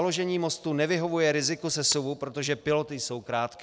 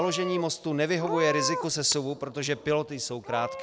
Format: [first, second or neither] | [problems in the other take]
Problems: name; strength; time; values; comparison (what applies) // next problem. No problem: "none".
first | background sound (Meow / Purr); 8 dB below the speech